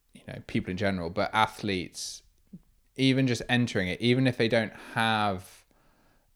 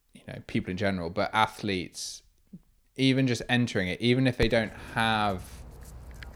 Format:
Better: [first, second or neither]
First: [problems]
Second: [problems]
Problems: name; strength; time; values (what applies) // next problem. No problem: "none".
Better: first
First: none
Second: dog barking; faint; from 4.5 s on; peak 10 dB below the speech